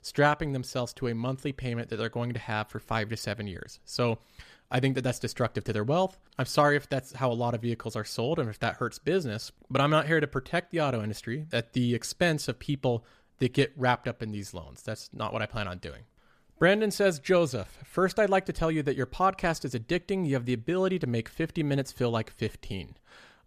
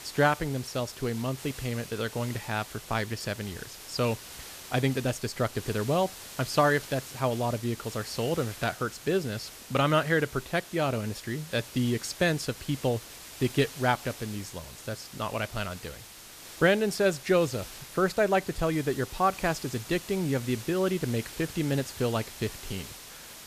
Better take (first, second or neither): first